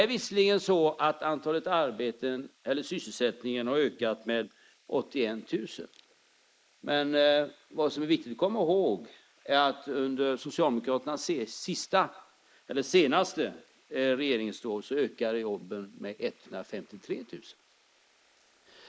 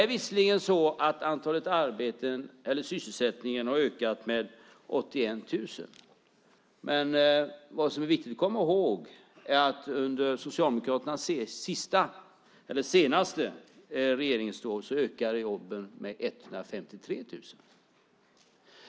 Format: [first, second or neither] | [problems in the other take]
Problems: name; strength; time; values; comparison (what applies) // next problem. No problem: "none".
second | noise reduction (neural mask model Resemble Enhance denoiser)